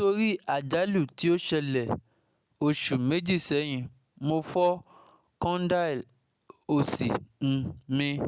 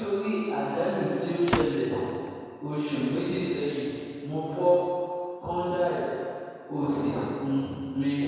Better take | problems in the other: first | background sound (Slam); 8 dB below the speech // room echo; dies away in 2.2 s

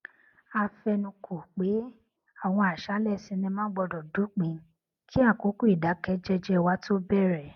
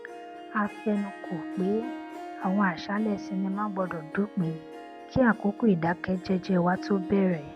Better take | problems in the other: first | background sound (Harp); 12 dB below the speech

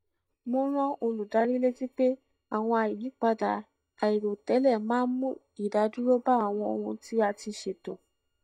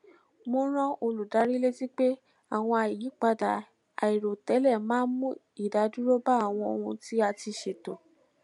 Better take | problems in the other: second | noise reduction (neural mask model DeepFilterNet 3)

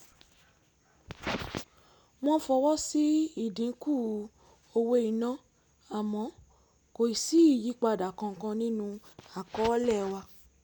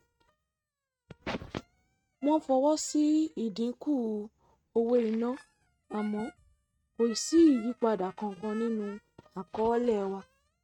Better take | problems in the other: first | noise reduction (neural mask model RNNoise)

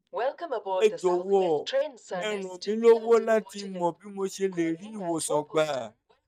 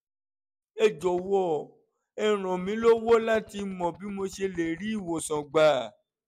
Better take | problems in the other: second | noise reduction (neural mask model DeepFilterNet 3)

